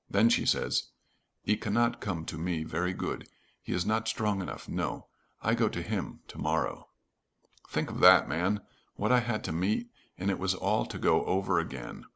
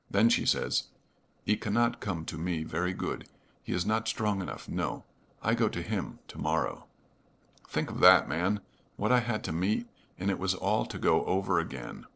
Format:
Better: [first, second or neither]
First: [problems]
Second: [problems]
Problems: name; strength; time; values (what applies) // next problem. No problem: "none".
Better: first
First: none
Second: noise reduction (neural separator model SepFormer DNS4)